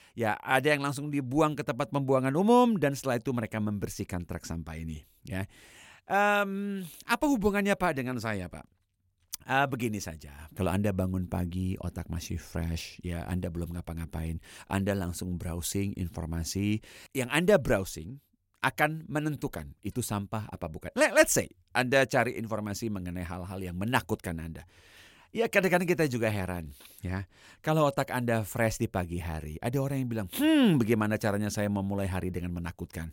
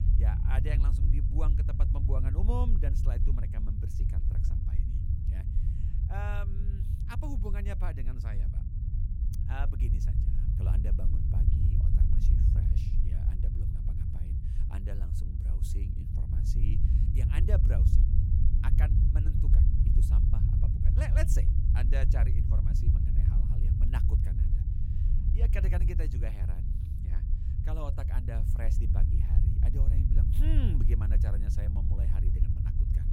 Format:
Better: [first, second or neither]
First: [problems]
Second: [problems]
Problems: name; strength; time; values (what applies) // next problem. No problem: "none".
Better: first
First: none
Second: low rumble; loud; throughout; 1 dB below the speech